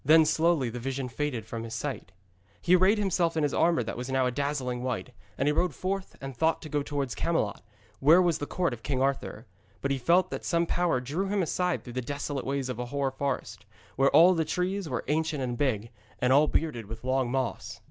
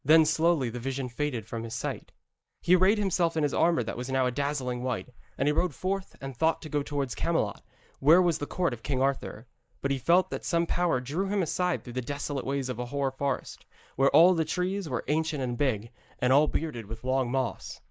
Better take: first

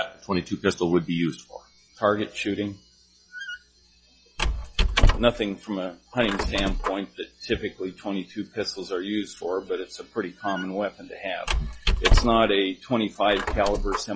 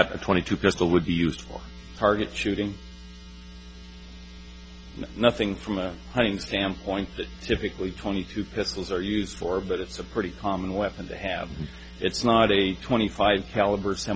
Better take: second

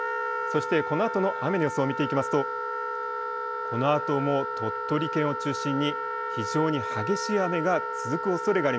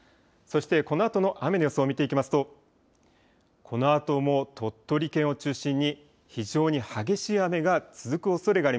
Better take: second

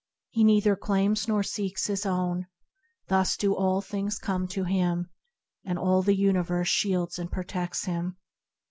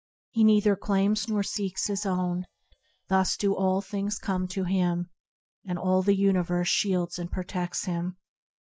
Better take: first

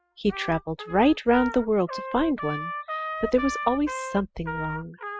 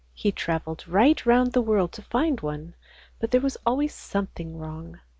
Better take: second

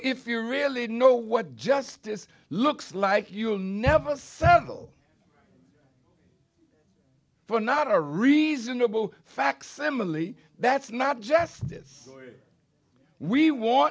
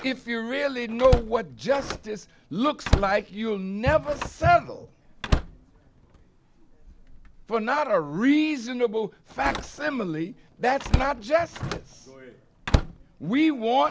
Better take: first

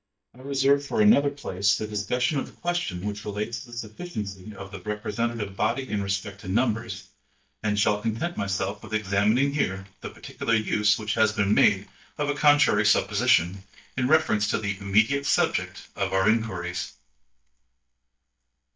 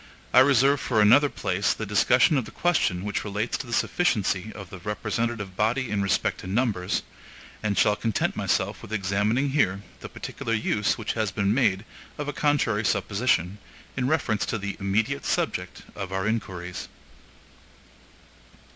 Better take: second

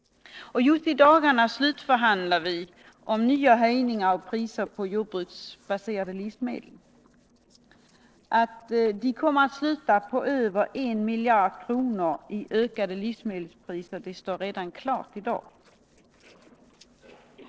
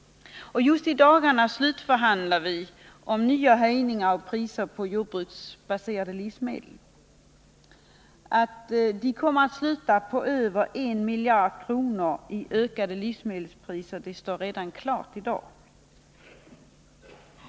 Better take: second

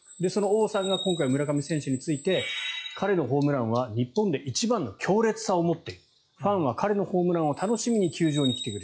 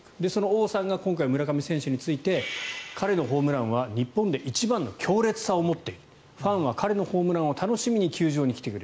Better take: second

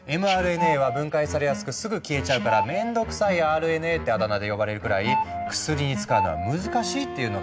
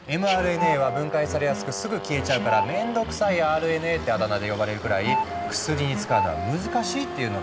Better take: first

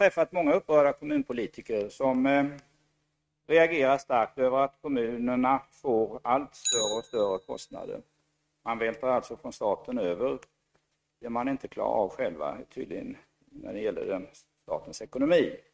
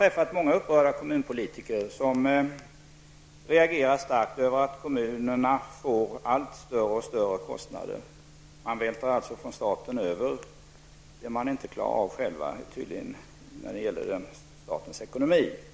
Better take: second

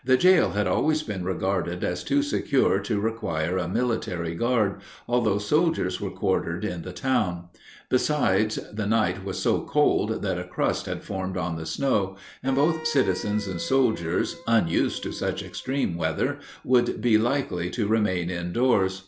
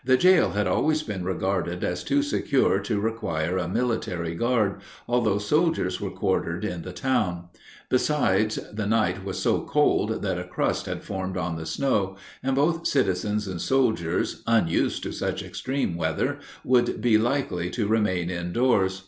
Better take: second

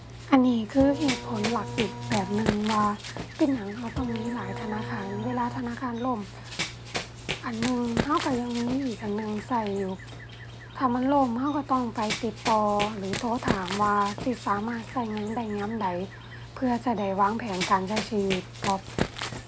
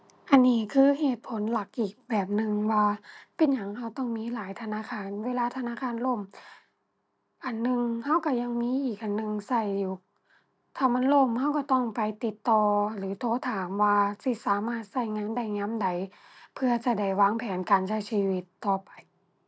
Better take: second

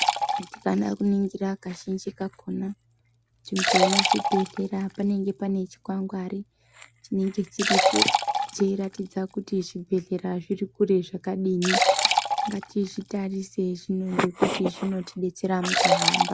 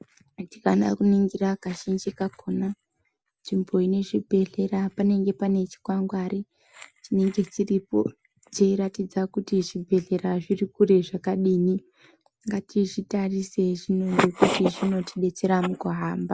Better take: second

